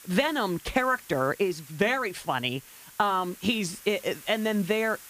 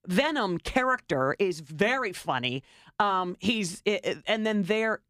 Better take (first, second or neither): second